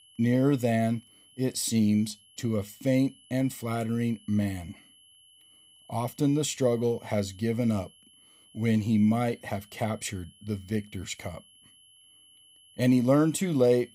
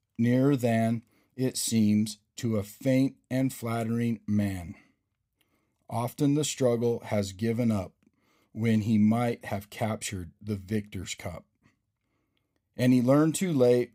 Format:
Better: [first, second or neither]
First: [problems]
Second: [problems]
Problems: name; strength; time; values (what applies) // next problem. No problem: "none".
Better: second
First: high-pitched whine; faint; throughout; 3 kHz, 25 dB below the speech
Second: none